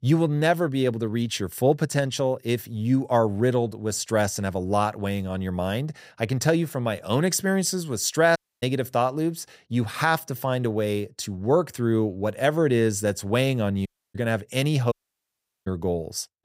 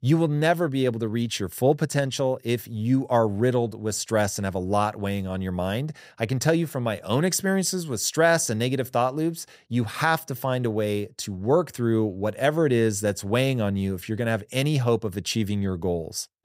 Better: second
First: audio cutting out; at 8.5 s, at 14 s and at 15 s for 0.5 s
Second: none

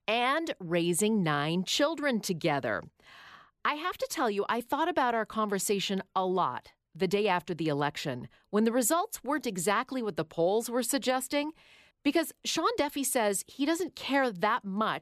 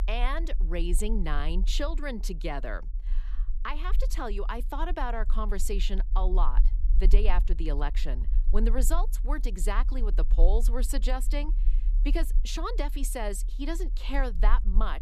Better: first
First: none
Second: low rumble; faint; throughout; 20 dB below the speech

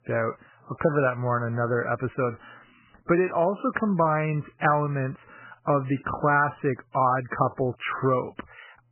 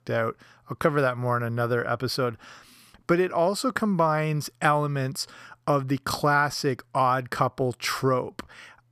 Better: second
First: garbled, watery; badly; nothing above 3 kHz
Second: none

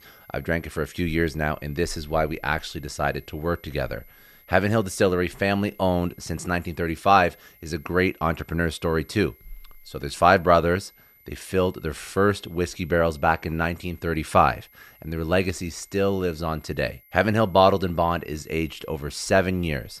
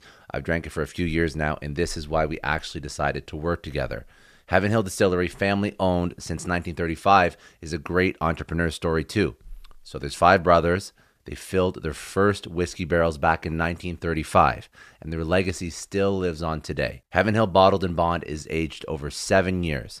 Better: second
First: high-pitched whine; faint; throughout; 2 kHz, 30 dB below the speech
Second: none

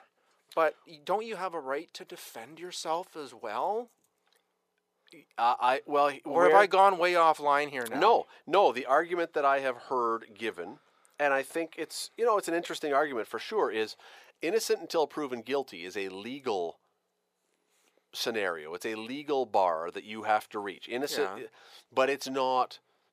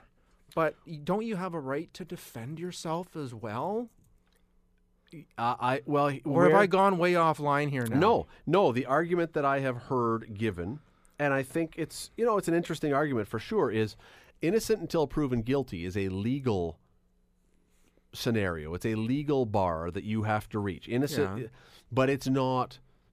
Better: second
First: thin; somewhat; fading below 500 Hz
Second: none

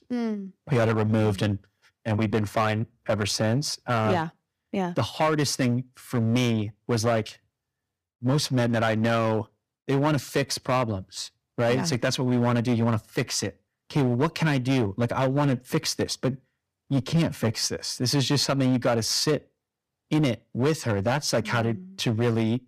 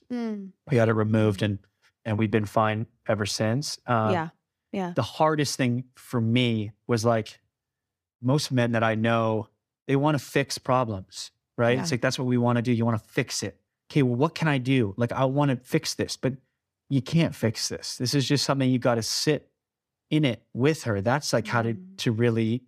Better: second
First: distortion; slight; 7% of the sound clipped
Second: none

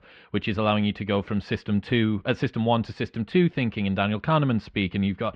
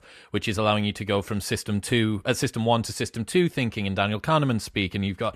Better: second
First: muffled; slightly; fading above 3.5 kHz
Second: none

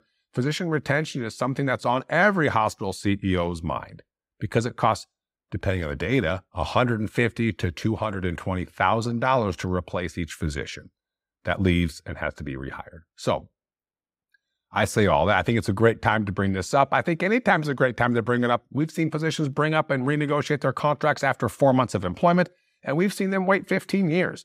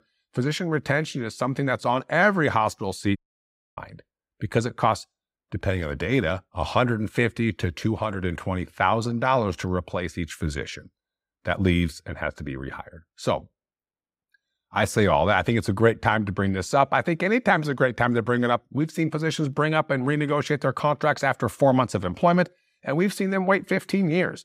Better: first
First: none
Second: audio cutting out; at 3 s for 0.5 s

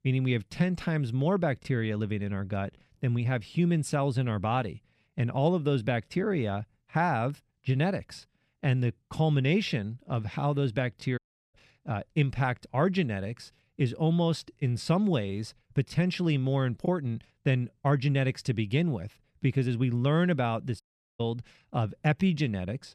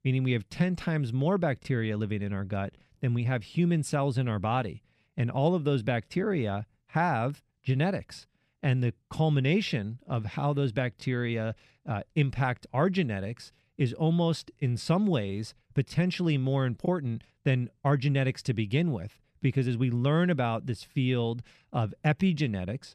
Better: second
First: audio cutting out; at 11 s and at 21 s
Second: none

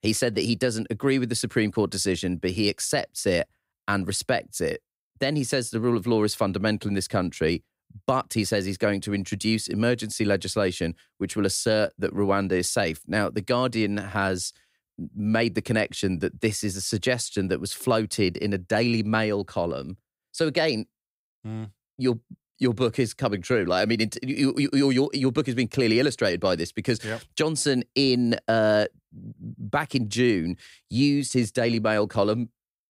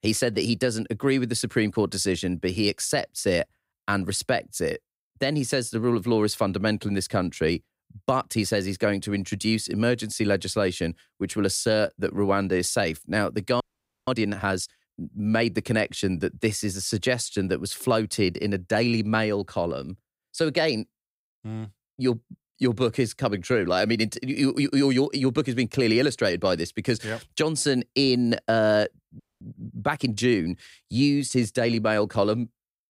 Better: first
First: none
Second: audio freezing; at 14 s and at 29 s

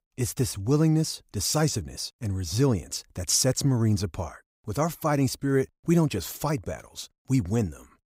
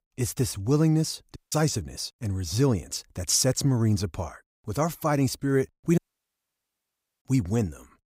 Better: first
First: none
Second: audio cutting out; at 1.5 s and at 6 s for 1 s

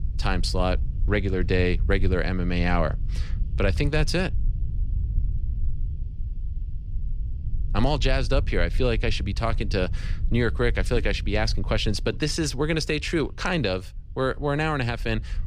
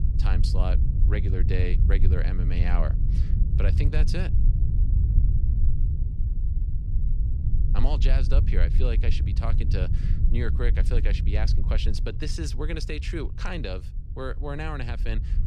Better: first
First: low rumble; faint; throughout; 20 dB below the speech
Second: low rumble; loud; throughout; 7 dB below the speech

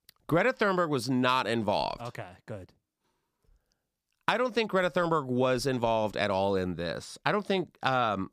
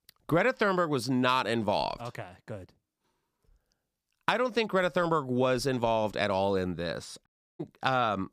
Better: first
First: none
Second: audio cutting out; at 7.5 s

